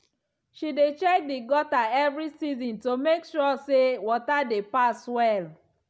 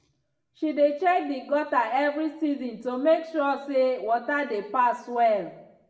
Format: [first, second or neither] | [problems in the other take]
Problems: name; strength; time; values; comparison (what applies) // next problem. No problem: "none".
first | room echo; dies away in 0.7 s